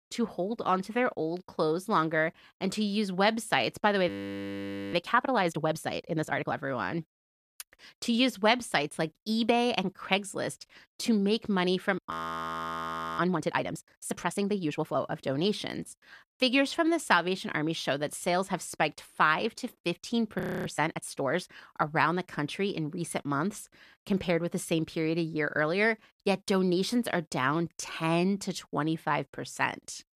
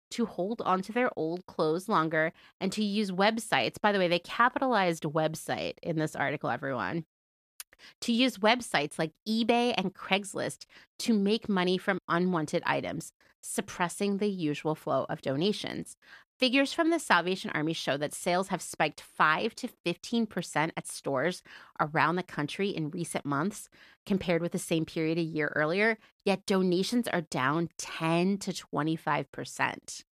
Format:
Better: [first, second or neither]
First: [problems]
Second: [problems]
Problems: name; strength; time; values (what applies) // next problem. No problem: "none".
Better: second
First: audio freezing; at 4 s for 1 s, at 12 s for 1 s and at 20 s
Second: none